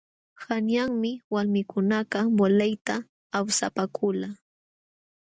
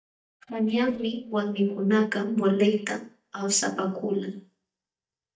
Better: first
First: none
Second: noise reduction (neural mask model DeepFilterNet 3)

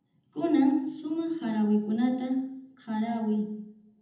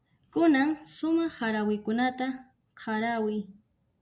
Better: second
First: room echo; dies away in 0.8 s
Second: none

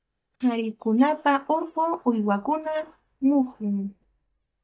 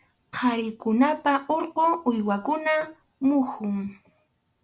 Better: second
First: noise reduction (neural mask model DeepFilterNet 3)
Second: none

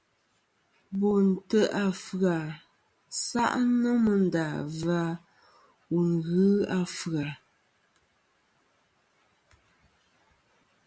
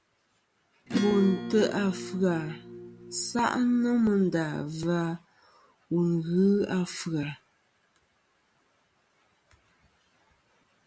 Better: first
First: none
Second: background sound (Acoustic guitar / Strum); 8 dB below the speech

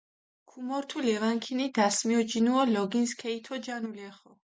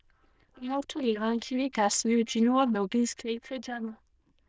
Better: first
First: none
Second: noise reduction (neural diffusion model UNIVERSE++)

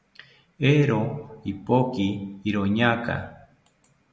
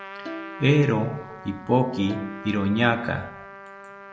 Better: first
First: none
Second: background sound (Trumpet + Bowed string instrument); 14 dB below the speech

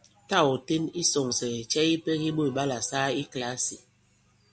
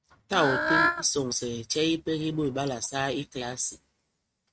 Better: first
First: none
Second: noise reduction (neural mask model RNNoise)

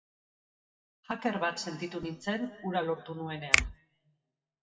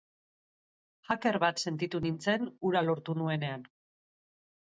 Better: second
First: noise reduction (classical method WPE with log-MMSE)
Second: none

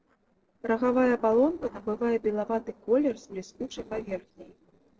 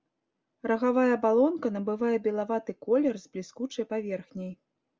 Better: second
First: noise reduction (neural separator model SepFormer DNS4)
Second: none

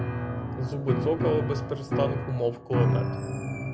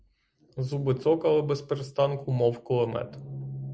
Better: second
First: background sound (Piano); 2 dB above the speech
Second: none

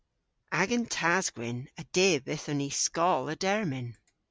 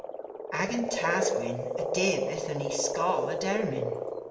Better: first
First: none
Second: background sound (Frog); 1 dB above the speech // room echo; dies away in 1 s

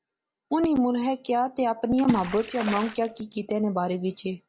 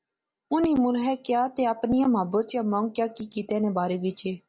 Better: second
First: background sound (Water / Splash, splatter); 9 dB below the speech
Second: none

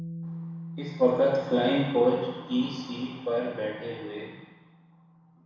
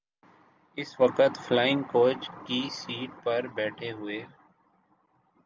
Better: second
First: background sound (Bass guitar); 14 dB below the speech // room echo; dies away in 1.1 s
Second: none

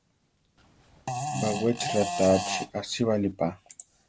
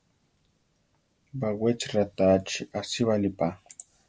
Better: second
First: background sound (Fart); 5 dB below the speech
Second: none

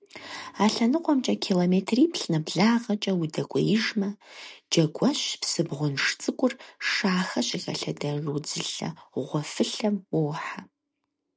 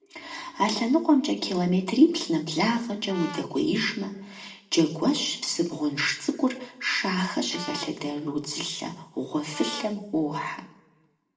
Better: first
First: none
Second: background sound (Brass instrument); 15 dB below the speech // room echo; dies away in 0.7 s

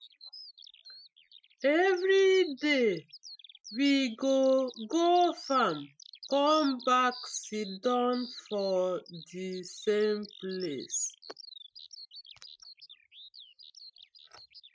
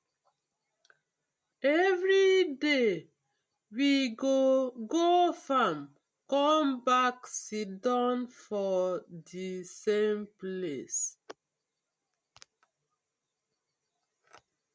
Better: second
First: noise reduction (classical method Wiener filter)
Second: none

